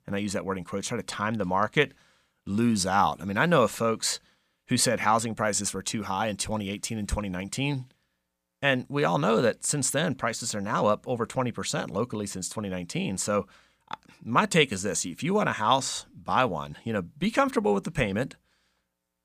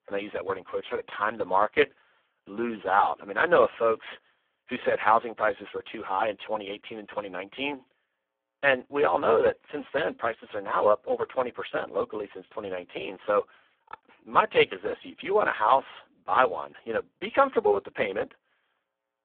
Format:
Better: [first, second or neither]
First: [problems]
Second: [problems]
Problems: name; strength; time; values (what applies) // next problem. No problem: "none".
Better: first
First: none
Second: phone-call audio; poor line